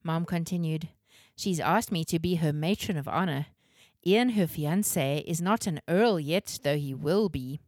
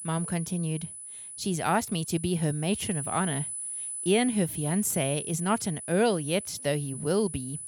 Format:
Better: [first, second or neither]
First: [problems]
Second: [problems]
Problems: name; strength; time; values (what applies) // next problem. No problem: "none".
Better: first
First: none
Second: high-pitched whine; loud; throughout; 10 kHz, 7 dB below the speech